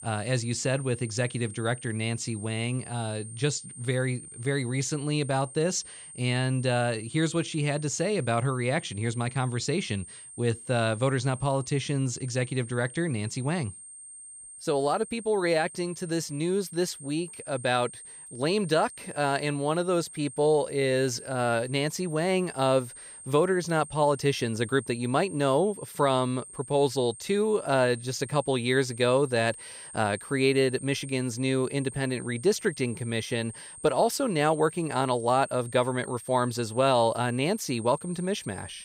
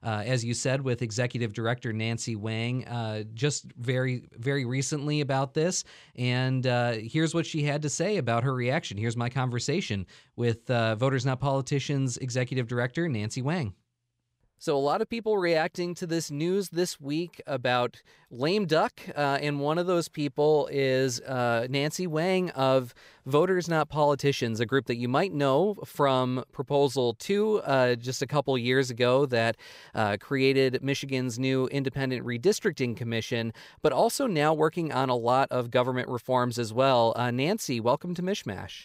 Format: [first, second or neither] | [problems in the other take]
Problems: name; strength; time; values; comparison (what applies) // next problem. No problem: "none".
second | high-pitched whine; noticeable; throughout; 8.5 kHz, 15 dB below the speech